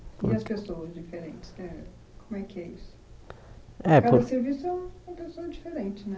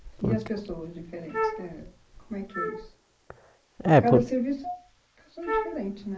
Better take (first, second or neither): first